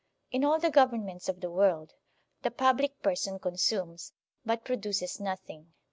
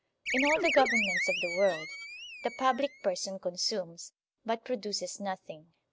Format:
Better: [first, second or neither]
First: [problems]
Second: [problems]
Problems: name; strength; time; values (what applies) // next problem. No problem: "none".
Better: first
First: none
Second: background sound (Animal); 1 dB below the speech